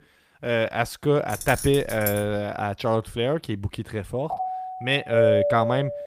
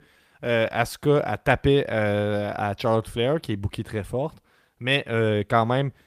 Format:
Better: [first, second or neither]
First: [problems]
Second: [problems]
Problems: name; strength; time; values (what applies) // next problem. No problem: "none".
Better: second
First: jangling keys; noticeable; from 1.5 to 2.5 s; peak 6 dB below the speech // doorbell; loud; from 4.5 s on; peak 5 dB above the speech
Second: none